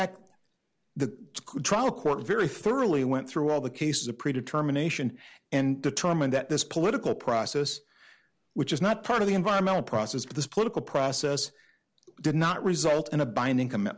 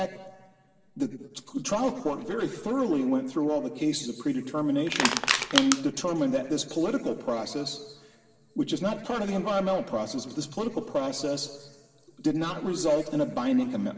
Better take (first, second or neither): first